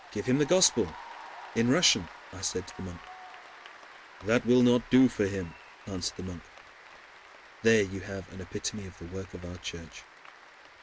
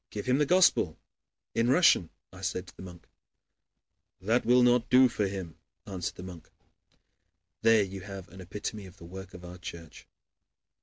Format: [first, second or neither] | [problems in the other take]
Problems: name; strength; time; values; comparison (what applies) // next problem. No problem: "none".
second | background sound (Applause / Cheering); 18 dB below the speech